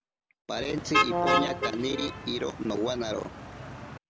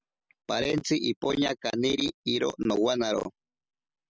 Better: second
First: background sound (Brass instrument + Motor vehicle (road)); 2 dB above the speech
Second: none

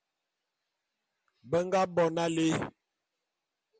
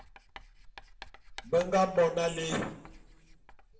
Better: first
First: none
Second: background sound (Writing); 18 dB below the speech // room echo; dies away in 0.6 s

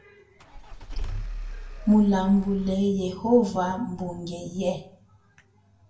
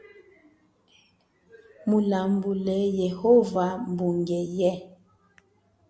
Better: second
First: background sound (Engine starting / Car); 8 dB below the speech // room echo; dies away in 0.2 s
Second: none

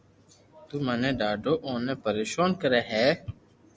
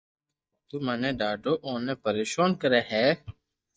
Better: first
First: none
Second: noise reduction (neural mask model DeepFilterNet 3)

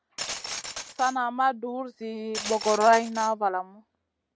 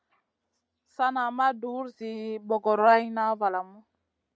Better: second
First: background sound (Glass); 11 dB below the speech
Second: none

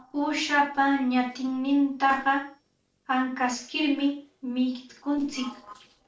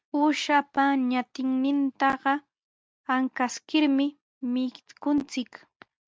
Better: second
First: noise reduction (neural separator model SepFormer DNS4)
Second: none

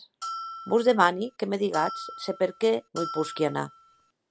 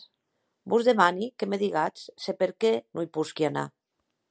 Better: second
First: background sound (Bell); 12 dB below the speech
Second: none

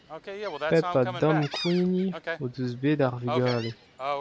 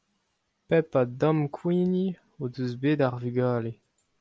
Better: second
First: background sound (Gull, seagull); 7 dB below the speech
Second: none

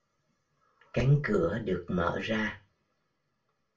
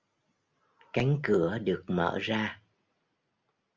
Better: second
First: room echo; dies away in 0.2 s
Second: none

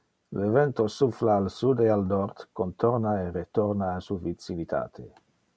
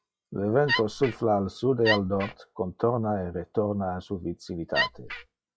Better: first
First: none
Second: noise reduction (classical method log-MMSE)

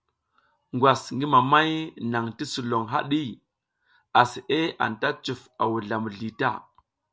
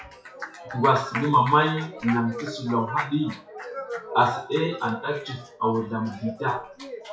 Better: first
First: none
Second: noise reduction (classical method WPE with log-MMSE)

